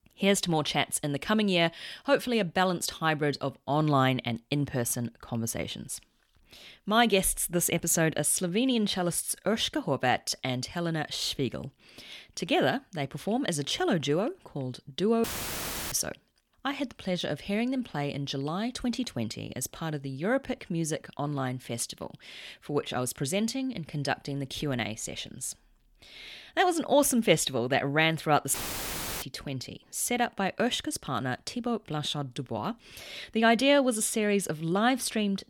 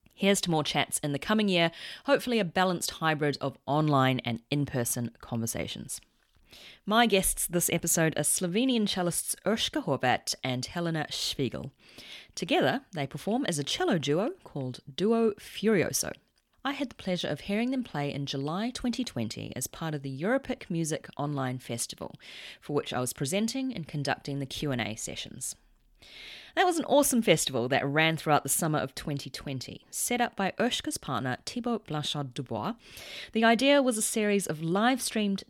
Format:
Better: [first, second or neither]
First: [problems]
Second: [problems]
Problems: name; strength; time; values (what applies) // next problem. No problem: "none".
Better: second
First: audio cutting out; filled with static; at 15 s for 0.5 s and at 29 s for 0.5 s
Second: none